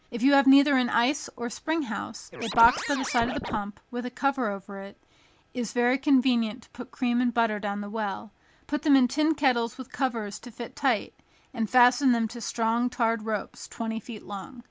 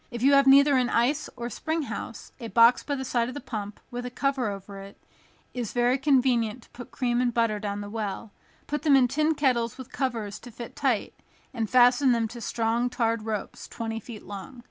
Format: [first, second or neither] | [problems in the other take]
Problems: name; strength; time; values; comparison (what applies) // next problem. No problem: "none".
second | background sound (Scratching (performance technique)); 7 dB below the speech